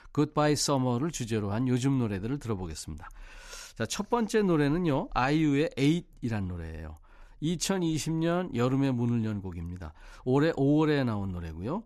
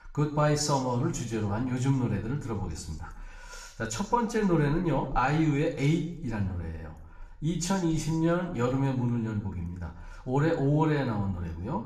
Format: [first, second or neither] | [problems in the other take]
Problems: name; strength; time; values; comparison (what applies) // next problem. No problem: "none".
first | room echo; slight; dies away in 0.6 s // off-mic speech; somewhat distant